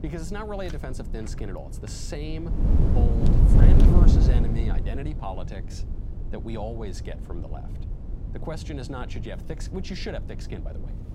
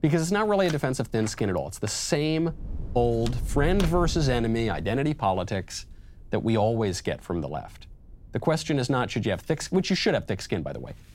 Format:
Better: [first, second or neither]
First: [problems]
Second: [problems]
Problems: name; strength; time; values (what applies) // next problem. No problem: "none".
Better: second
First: wind noise on the microphone; heavy; 4 dB above the speech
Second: wind noise on the microphone; occasional gusts; 20 dB below the speech